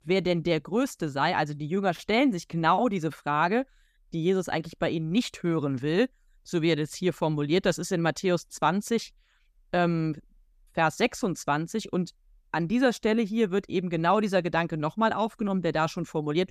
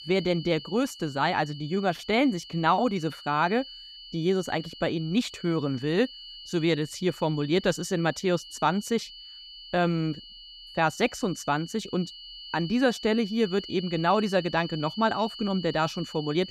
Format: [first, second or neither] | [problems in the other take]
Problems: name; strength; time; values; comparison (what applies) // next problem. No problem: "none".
first | high-pitched whine; noticeable; throughout; 3 kHz, 15 dB below the speech